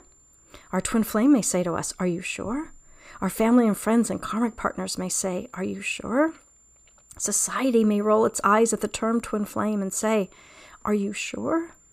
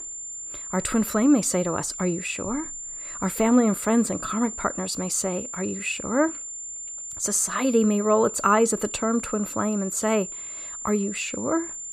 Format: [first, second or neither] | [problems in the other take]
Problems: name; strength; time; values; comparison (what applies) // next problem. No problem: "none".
first | high-pitched whine; loud; throughout; 7 kHz, 8 dB below the speech; faint in the first